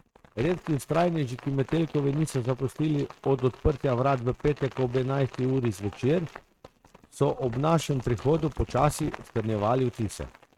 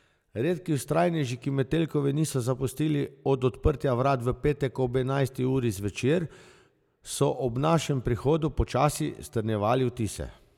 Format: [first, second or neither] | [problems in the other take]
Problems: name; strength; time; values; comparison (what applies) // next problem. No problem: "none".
second | noise reduction (neural mask model RNNoise)